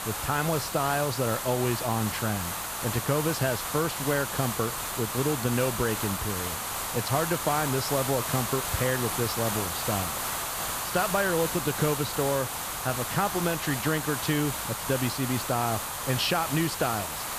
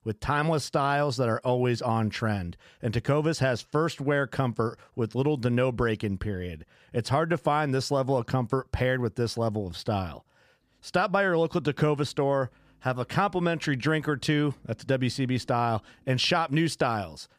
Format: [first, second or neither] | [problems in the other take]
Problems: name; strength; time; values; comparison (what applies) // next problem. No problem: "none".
second | hiss; loud; throughout; 2 dB below the speech